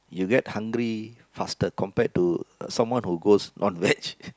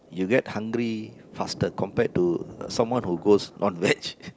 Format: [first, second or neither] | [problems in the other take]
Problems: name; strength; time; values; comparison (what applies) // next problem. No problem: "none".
first | background sound (Thunder); 19 dB below the speech